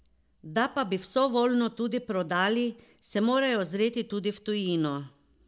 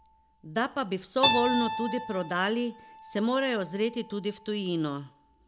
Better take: first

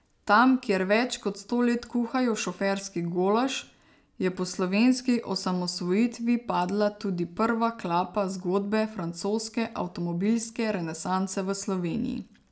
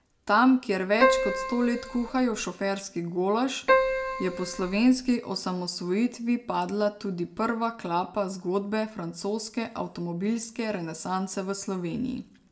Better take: first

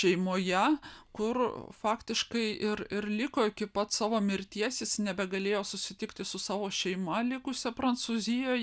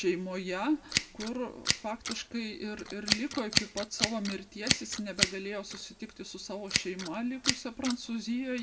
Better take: first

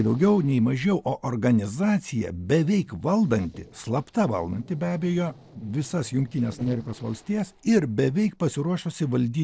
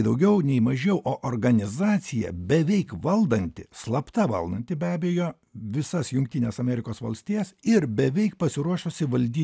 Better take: second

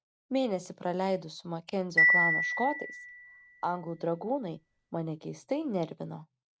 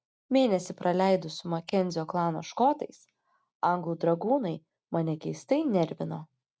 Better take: second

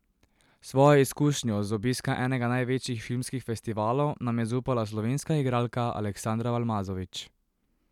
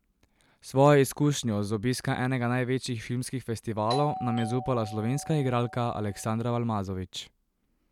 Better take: first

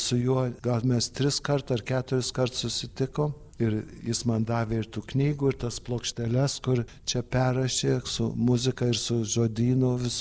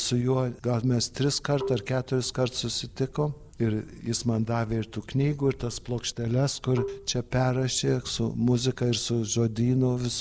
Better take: first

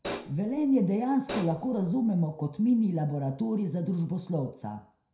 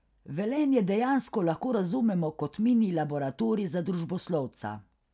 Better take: second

